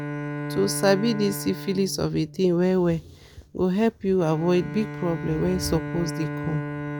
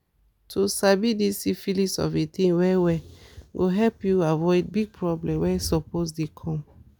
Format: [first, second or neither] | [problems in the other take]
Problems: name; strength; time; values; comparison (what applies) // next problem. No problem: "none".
second | background sound (Bowed string instrument); 9 dB below the speech